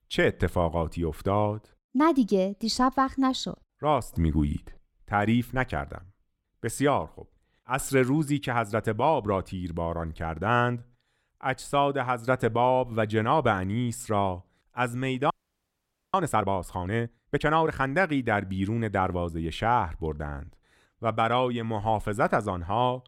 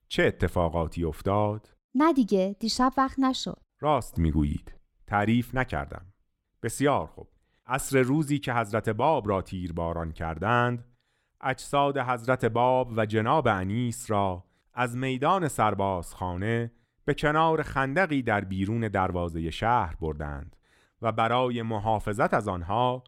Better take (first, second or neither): second